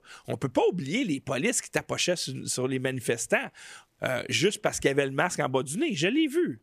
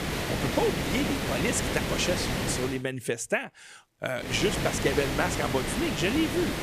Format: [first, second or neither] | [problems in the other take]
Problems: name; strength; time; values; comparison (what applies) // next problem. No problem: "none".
first | hiss; loud; until 2.5 s and from 4.5 s on; 1 dB below the speech